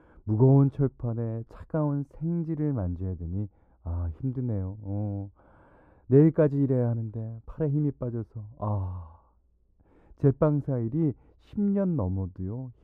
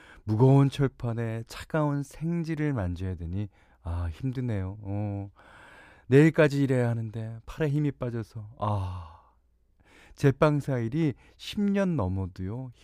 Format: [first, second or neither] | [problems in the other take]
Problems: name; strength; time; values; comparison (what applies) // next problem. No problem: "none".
second | muffled; very; fading above 1.5 kHz